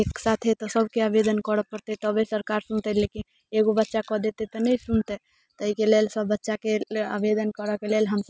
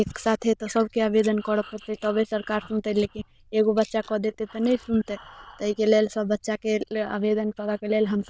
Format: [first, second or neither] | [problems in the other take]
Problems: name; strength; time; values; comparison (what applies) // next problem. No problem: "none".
first | noise reduction (neural diffusion model UNIVERSE++)